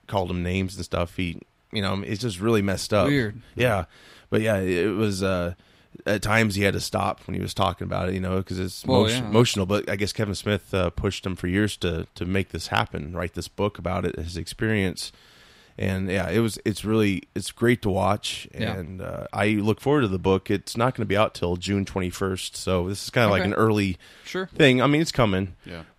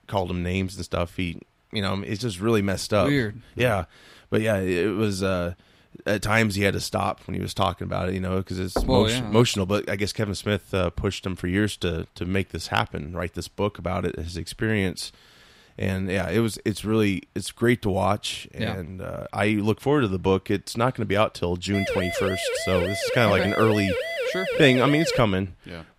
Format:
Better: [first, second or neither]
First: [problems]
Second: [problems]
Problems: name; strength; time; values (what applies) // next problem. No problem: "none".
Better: first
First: none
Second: door banging; noticeable; at 9 s; peak 5 dB below the speech // siren; noticeable; from 22 to 25 s; peak 2 dB below the speech